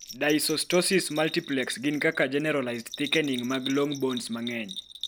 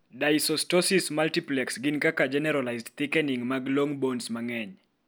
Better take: second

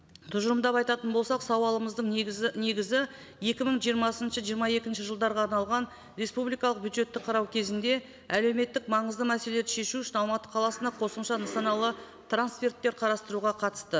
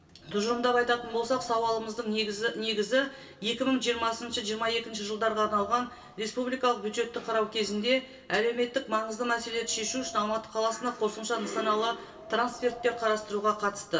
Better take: first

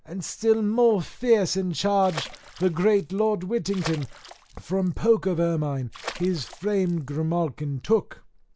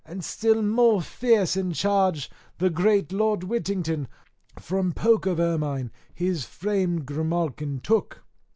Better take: second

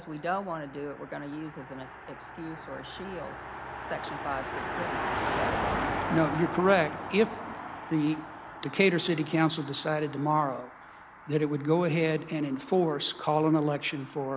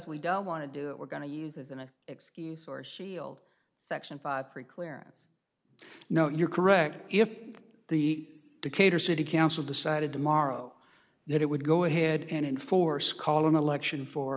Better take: second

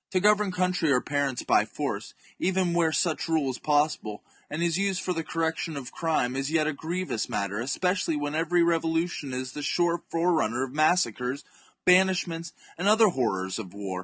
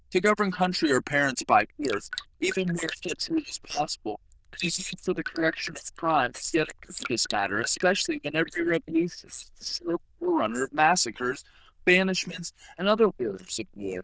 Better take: first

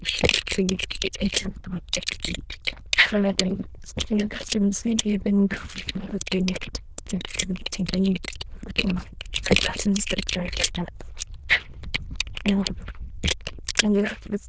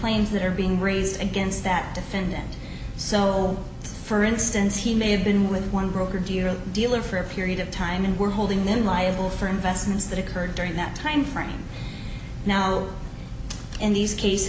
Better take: second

